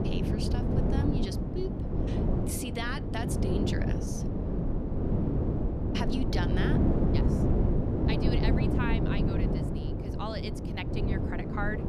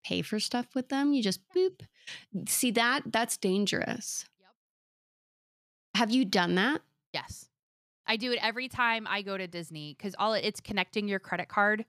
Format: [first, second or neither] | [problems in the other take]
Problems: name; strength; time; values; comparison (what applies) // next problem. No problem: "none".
second | wind noise on the microphone; heavy; 2 dB above the speech